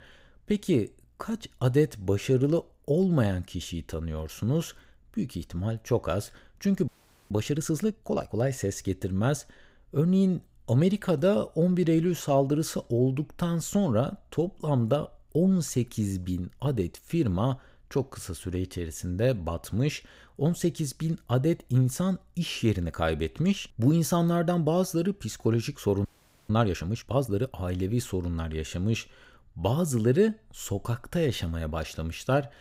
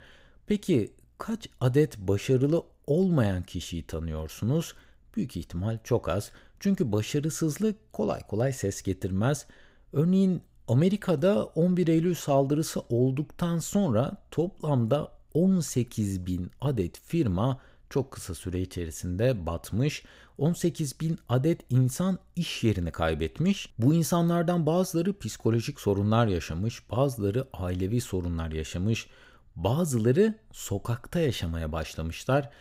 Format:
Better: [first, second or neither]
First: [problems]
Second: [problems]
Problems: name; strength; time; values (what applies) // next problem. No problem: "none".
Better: second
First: audio freezing; at 7 s and at 26 s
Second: none